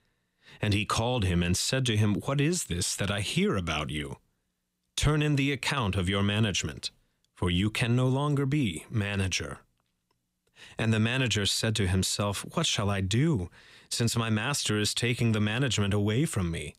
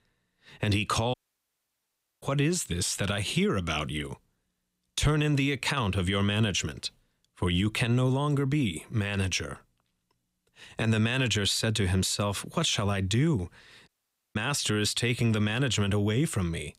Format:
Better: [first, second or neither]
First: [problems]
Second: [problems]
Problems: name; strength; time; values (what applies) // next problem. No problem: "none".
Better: first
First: none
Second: audio cutting out; at 1 s for 1 s and at 14 s